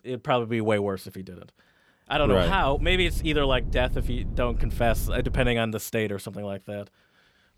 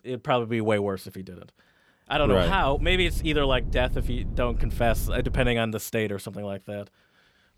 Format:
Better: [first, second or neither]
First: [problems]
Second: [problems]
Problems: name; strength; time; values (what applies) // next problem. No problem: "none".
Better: neither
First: low rumble; very faint; from 2 to 5.5 s; 20 dB below the speech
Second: low rumble; very faint; from 2 to 5.5 s; 20 dB below the speech